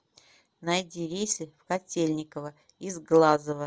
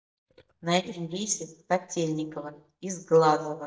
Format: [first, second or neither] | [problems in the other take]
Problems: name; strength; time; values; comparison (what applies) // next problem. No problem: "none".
first | noise reduction (neural mask model DeepFilterNet 3)